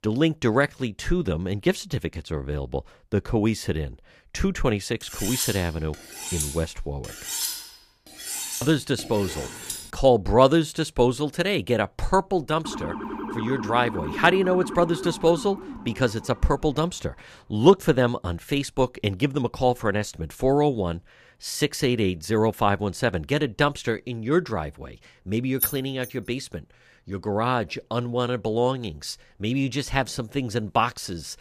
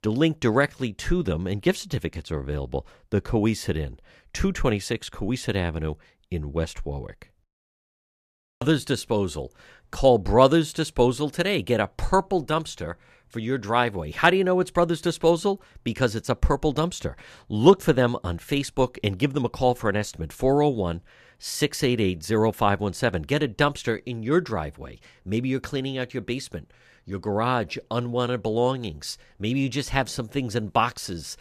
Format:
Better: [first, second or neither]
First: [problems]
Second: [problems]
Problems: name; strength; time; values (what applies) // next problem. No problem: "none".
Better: second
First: clattering dishes; noticeable; from 5 to 10 s; peak 2 dB below the speech // siren; noticeable; from 13 to 17 s; peak 7 dB below the speech // jangling keys; noticeable; at 26 s; peak 1 dB below the speech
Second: none